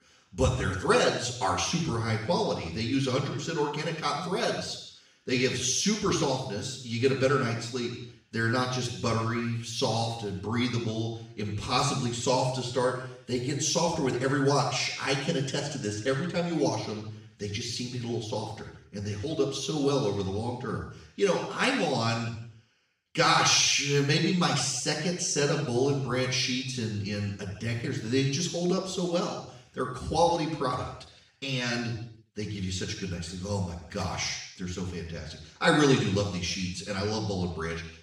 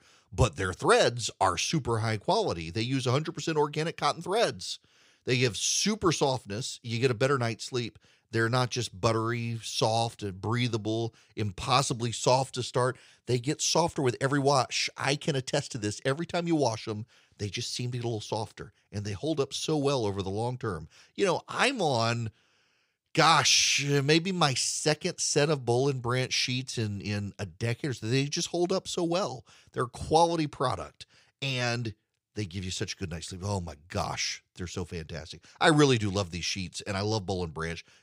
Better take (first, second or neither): second